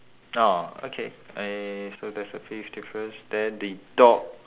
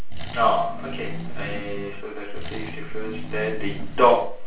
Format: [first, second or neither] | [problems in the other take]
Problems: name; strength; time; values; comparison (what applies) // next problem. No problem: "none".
first | background sound (Accelerating, revving, vroom); 14 dB below the speech // room echo; dies away in 0.3 s